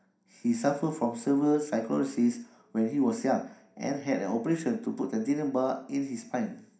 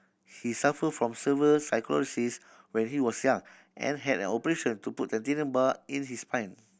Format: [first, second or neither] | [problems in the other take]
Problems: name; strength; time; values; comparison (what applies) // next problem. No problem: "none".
second | room echo; dies away in 0.5 s